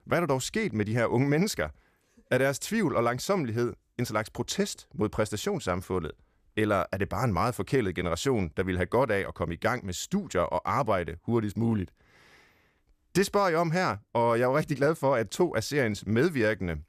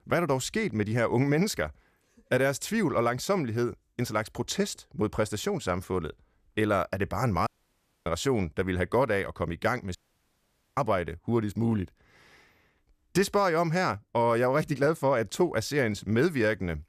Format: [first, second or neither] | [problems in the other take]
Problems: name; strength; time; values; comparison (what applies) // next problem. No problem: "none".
first | audio cutting out; at 7.5 s for 0.5 s and at 10 s for 1 s